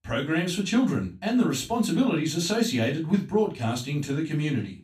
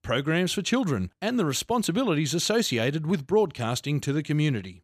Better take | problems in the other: second | off-mic speech; far // room echo; very slight; dies away in 0.3 s

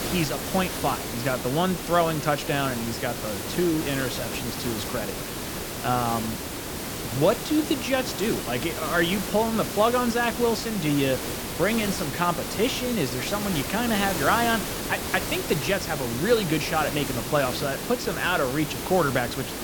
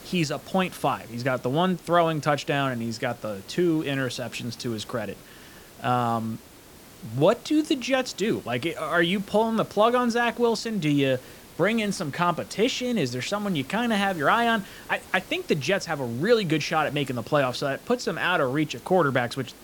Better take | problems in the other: second | hiss; loud; throughout; 5 dB below the speech; faint in the second

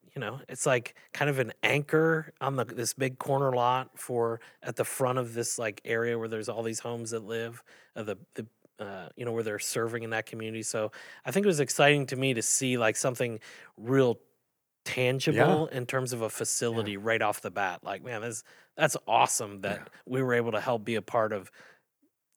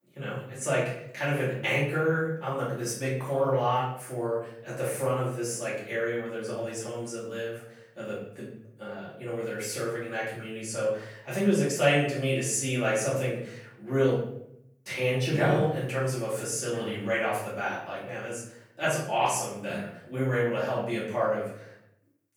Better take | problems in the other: first | off-mic speech; far // room echo; noticeable; dies away in 0.6 s

